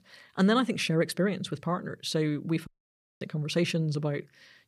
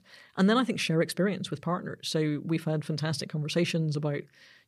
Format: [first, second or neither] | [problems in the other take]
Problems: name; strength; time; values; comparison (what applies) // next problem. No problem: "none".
second | audio cutting out; at 2.5 s for 0.5 s